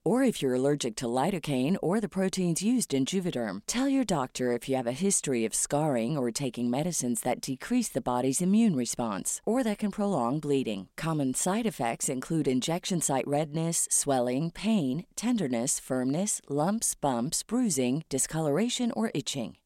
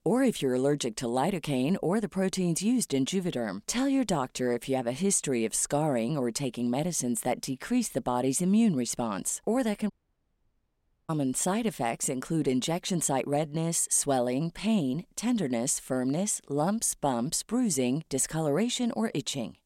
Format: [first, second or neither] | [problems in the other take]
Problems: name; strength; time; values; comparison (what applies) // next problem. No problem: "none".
first | audio cutting out; at 10 s for 1 s